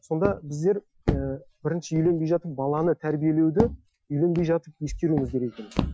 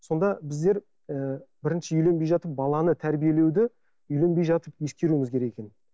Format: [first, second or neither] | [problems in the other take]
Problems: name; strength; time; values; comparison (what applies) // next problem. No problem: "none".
second | noise reduction (classical method Wiener filter)